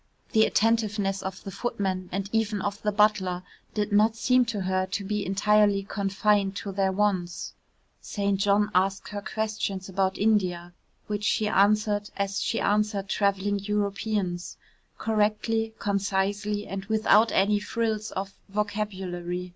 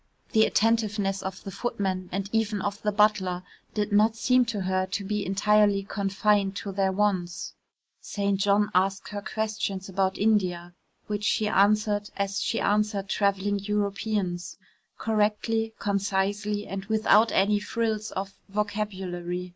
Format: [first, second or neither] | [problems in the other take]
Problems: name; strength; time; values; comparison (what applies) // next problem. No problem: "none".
first | noise reduction (neural mask model Resemble Enhance denoiser)